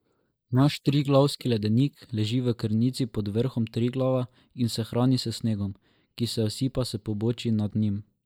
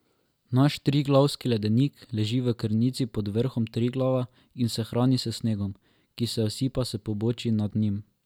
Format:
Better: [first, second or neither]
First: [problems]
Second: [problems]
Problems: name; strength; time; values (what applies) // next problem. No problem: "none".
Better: second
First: noise reduction (neural mask model Resemble Enhance denoiser)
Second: none